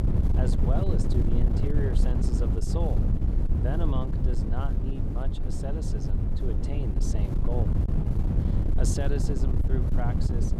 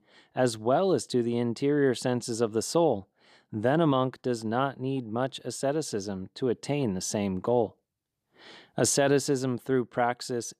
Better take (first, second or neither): second